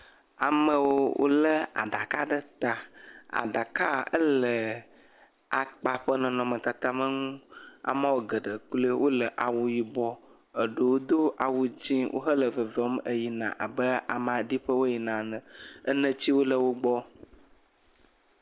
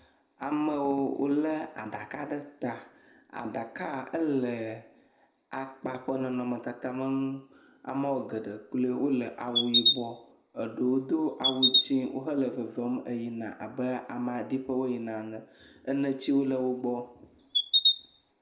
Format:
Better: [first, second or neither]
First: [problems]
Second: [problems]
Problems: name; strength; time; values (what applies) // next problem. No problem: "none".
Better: first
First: none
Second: background sound (Chirp, tweet); 4 dB above the speech // room echo; dies away in 0.4 s